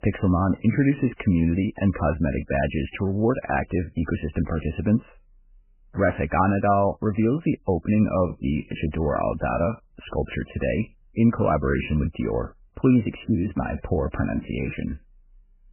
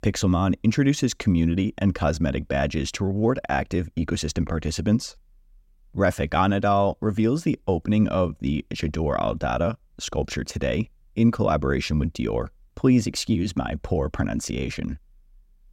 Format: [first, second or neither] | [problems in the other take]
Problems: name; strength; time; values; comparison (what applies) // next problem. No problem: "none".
second | garbled, watery; badly; nothing above 3 kHz